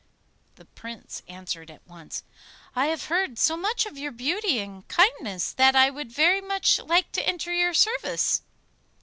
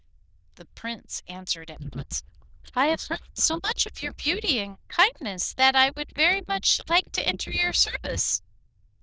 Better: first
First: none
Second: noise reduction (neural diffusion model UNIVERSE++)

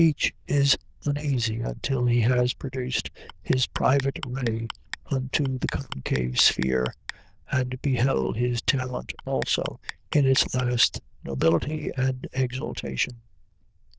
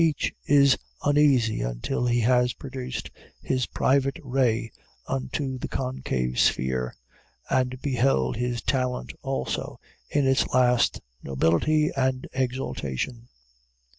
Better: second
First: noise reduction (neural diffusion model UNIVERSE++)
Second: none

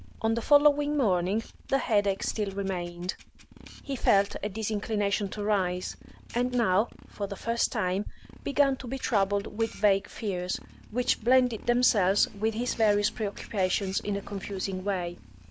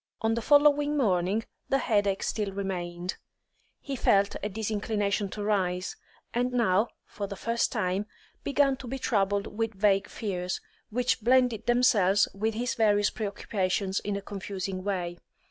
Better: second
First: background sound (Motorcycle + Camera); 19 dB below the speech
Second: none

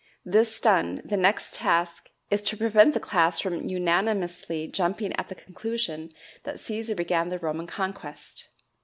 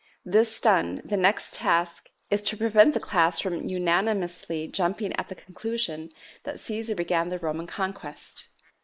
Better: first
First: none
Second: noise reduction (neural mask model Resemble Enhance denoiser)

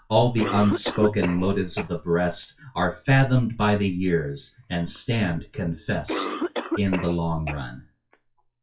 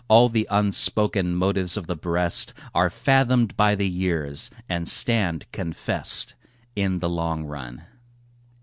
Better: second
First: noise reduction (classical method WPE with log-MMSE)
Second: none

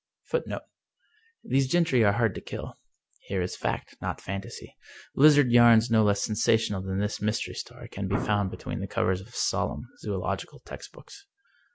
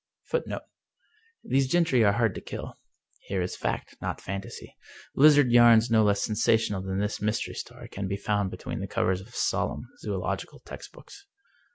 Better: second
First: background sound (Explosion); 8 dB below the speech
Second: none

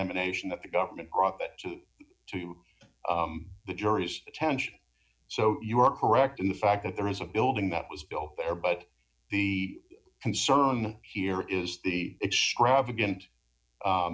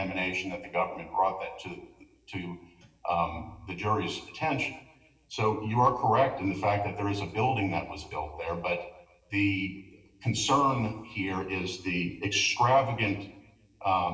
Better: first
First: none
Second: room echo; dies away in 0.8 s

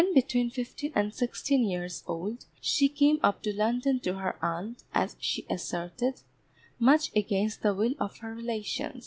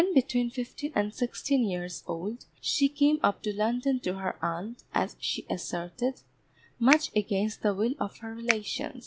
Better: first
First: none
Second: background sound (Finger snapping); 3 dB below the speech

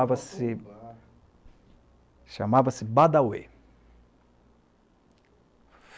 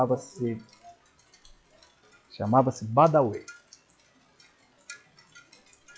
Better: first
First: none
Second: noise reduction (classical method log-MMSE)

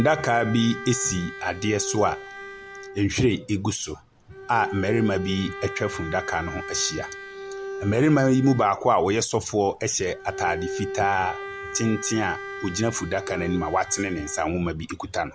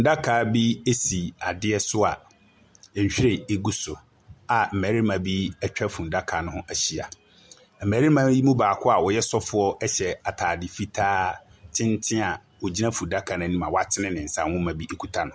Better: second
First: background sound (Bowed string instrument); 11 dB below the speech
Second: none

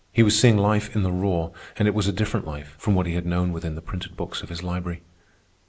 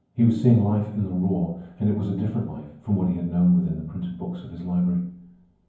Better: first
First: none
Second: room echo; dies away in 0.9 s

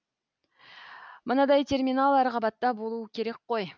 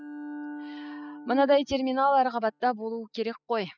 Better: first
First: none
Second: noise reduction (classical method spectral subtraction)

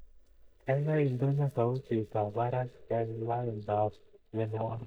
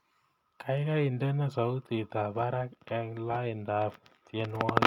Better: second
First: noise reduction (neural mask model DeepFilterNet 3)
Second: none

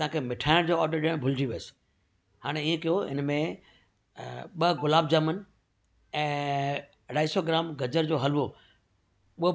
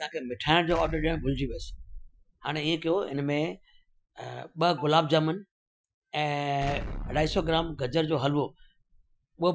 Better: first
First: none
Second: noise reduction (classical method Wiener filter)

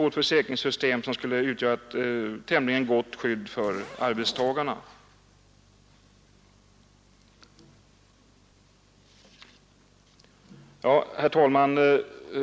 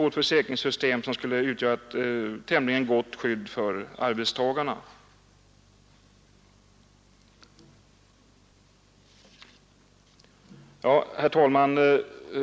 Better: second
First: background sound (Zipper (clothing)); 15 dB below the speech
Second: none

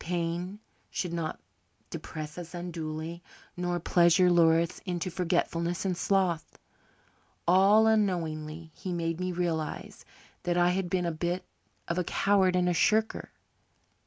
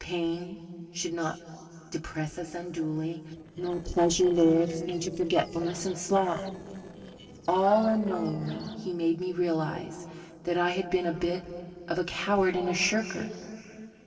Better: first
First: none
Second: noise reduction (neural separator model SepFormer DNS4)

